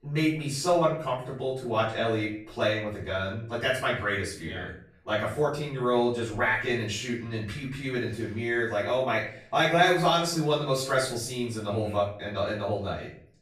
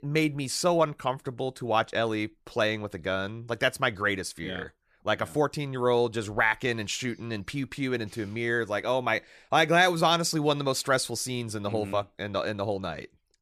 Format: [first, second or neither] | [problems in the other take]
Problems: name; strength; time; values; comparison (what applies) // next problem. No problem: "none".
second | off-mic speech; far // room echo; noticeable; dies away in 0.5 s